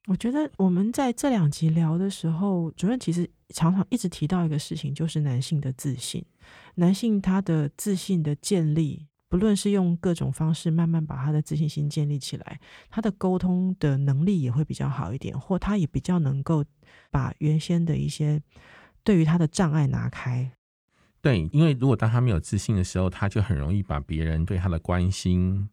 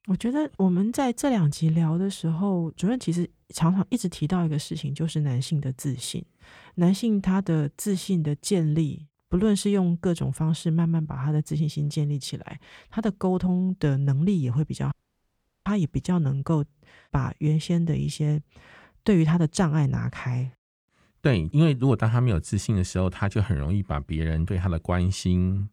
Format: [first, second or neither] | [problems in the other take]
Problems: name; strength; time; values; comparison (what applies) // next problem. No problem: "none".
first | audio cutting out; at 15 s for 0.5 s